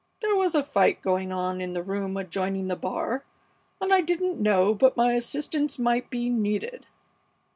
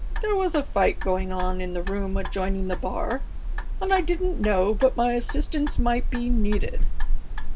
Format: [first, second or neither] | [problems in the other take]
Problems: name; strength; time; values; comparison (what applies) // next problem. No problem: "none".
first | background sound (Clock); 3 dB above the speech